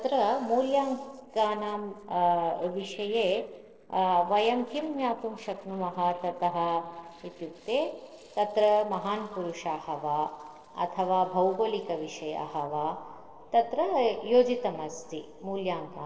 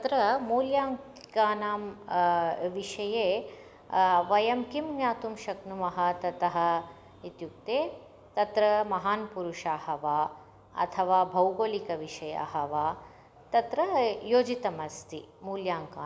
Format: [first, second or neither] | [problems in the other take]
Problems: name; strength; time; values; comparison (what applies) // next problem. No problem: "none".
second | noise reduction (neural separator model SepFormer DNS4)